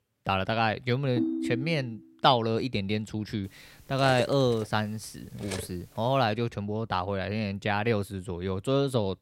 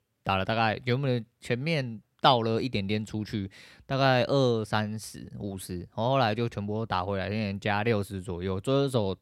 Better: second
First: phone ringing; noticeable; at 1 s; peak 1 dB below the speech // clattering dishes; noticeable; from 4 to 5.5 s; peak 10 dB below the speech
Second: none

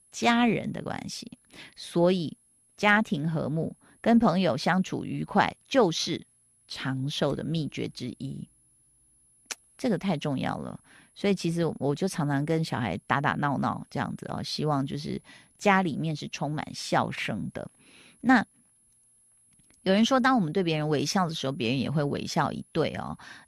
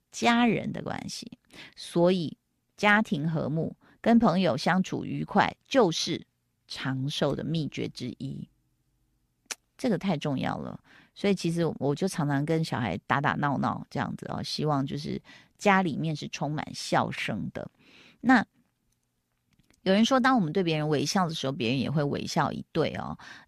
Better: second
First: high-pitched whine; faint; throughout; 10.5 kHz, 35 dB below the speech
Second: none

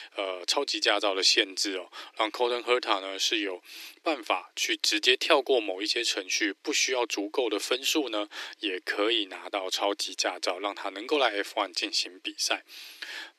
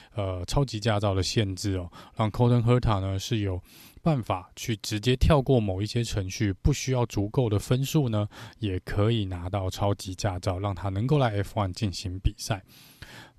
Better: second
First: thin; very; fading below 300 Hz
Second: none

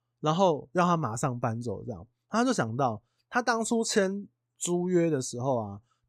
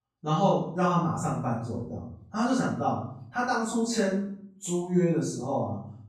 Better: first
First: none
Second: off-mic speech; far // room echo; noticeable; dies away in 0.5 s

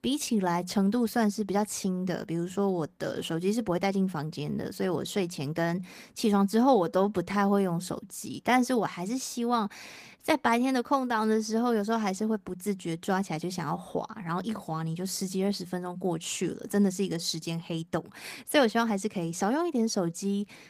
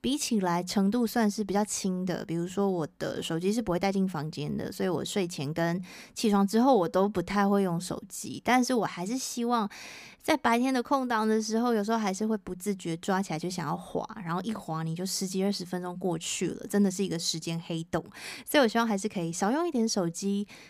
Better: second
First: garbled, watery; slightly; nothing above 15 kHz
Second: none

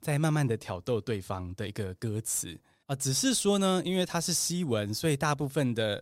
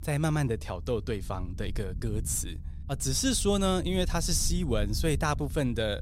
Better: first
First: none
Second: low rumble; faint; throughout; 20 dB below the speech

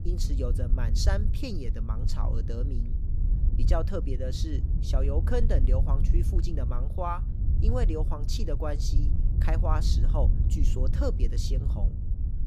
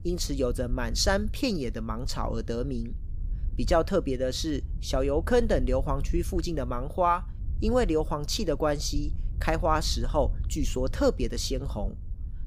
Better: second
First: wind noise on the microphone; heavy; 9 dB below the speech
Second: wind noise on the microphone; occasional gusts; 25 dB below the speech

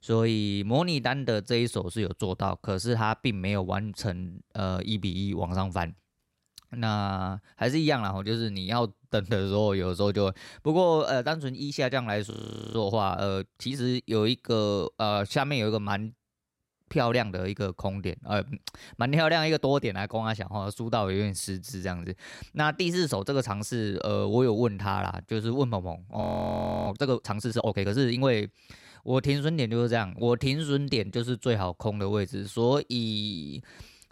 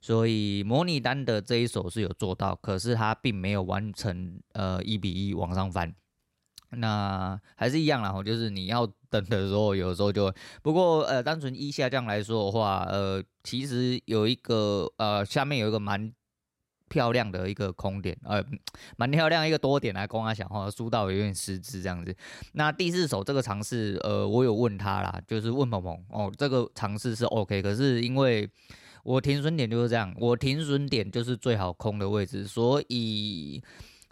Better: second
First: audio freezing; at 12 s and at 26 s for 0.5 s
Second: none

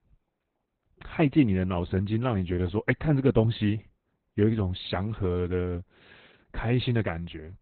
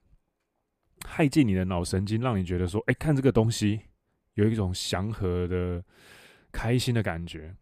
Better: second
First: garbled, watery; badly; nothing above 4 kHz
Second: none

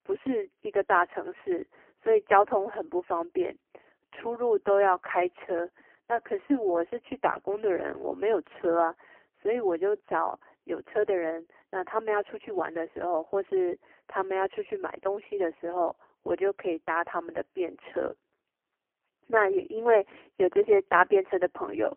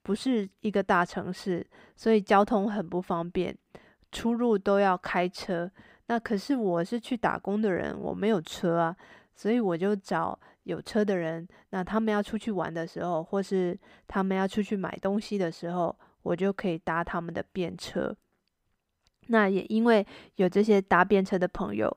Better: second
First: phone-call audio; poor line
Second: none

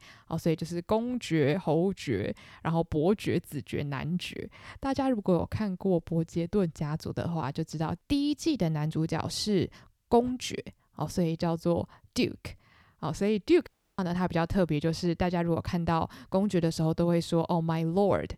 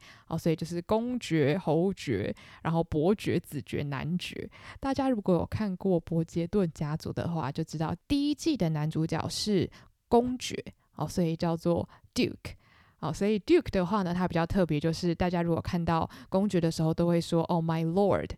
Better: second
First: audio cutting out; at 14 s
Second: none

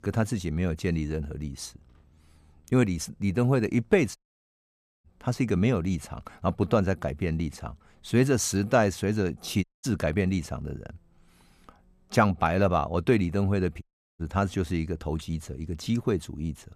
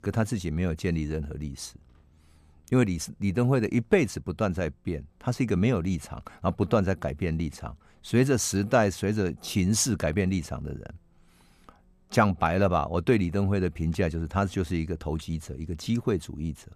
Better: second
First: audio cutting out; at 4 s for 1 s, at 9.5 s and at 14 s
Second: none

